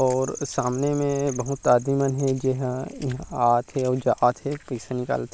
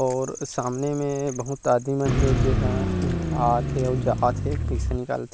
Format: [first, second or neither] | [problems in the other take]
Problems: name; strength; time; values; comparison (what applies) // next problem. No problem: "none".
first | background sound (Car); 2 dB above the speech